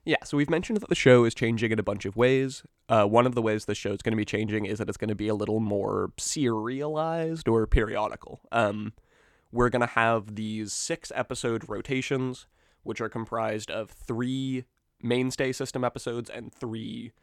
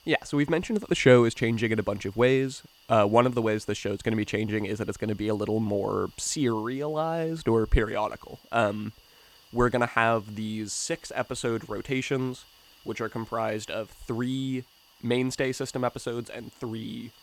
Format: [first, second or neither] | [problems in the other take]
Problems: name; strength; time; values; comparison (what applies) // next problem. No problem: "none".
first | hiss; faint; throughout; 30 dB below the speech